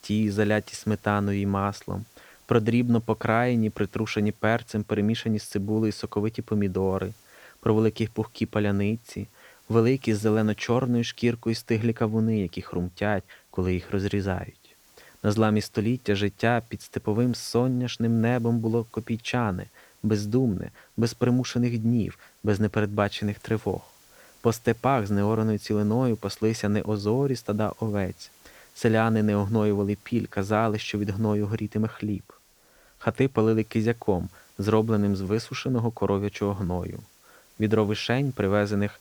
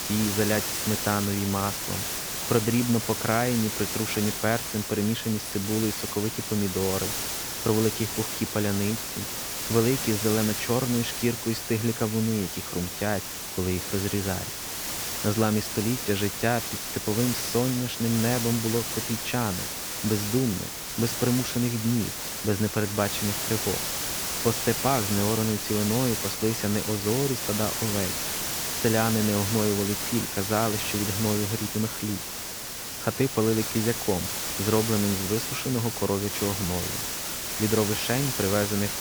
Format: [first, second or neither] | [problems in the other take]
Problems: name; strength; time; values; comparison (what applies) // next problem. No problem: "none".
first | hiss; loud; throughout; 2 dB below the speech; faint in the first